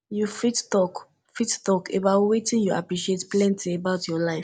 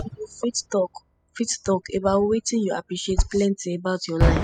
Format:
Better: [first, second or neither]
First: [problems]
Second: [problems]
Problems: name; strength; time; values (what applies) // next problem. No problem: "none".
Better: first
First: none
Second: noise reduction (classical method spectral subtraction)